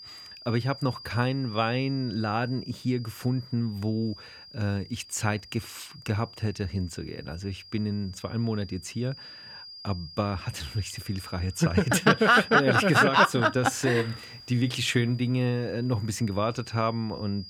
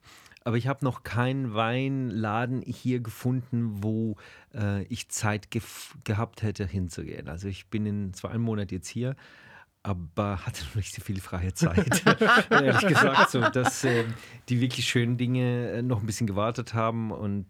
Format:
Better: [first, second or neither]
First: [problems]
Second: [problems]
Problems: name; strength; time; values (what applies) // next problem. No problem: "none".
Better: second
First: high-pitched whine; noticeable; throughout; 5 kHz, 15 dB below the speech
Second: none